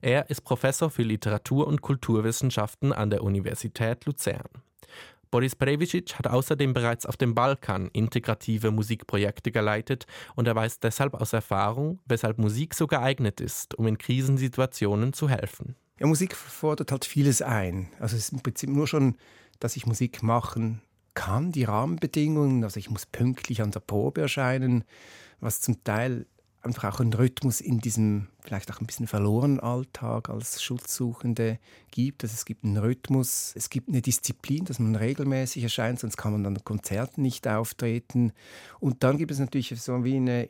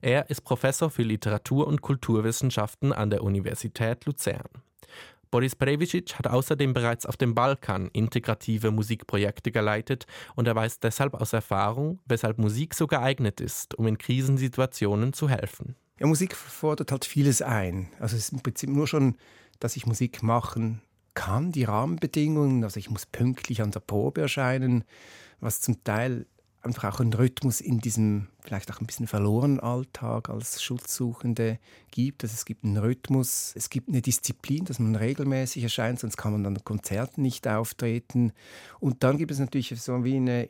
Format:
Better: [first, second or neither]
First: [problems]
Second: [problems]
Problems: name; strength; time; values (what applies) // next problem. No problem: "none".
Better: neither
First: none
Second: none